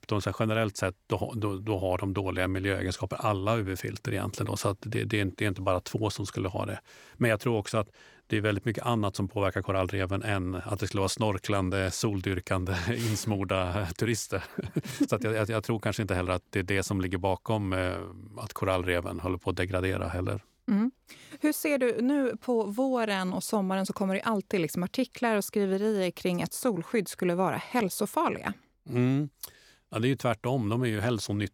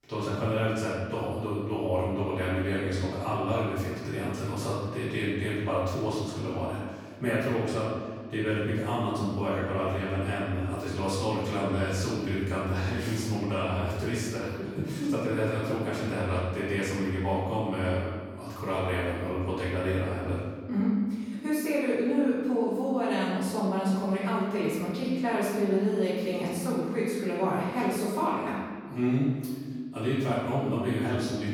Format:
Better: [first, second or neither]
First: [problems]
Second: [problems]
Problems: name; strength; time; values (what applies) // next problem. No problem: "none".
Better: first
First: none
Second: room echo; strong; dies away in 1.6 s // off-mic speech; far